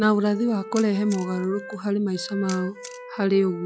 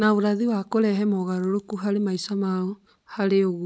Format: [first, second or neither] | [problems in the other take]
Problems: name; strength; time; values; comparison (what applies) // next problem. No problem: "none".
second | noise reduction (classical method log-MMSE)